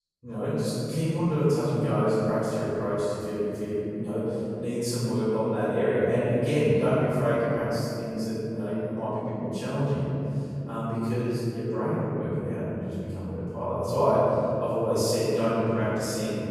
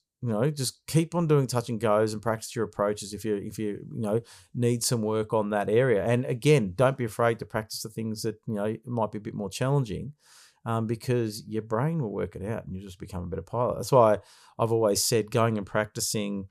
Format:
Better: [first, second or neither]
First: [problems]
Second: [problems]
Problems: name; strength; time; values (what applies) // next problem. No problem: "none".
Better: second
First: off-mic speech; far // room echo; strong; dies away in 3 s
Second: none